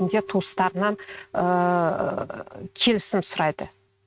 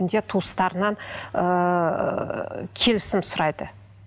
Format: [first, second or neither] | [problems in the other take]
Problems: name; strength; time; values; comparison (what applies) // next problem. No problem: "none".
second | noise reduction (neural mask model RNNoise)